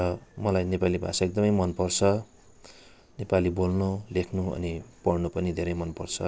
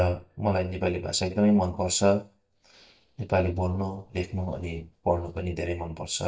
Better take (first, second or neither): first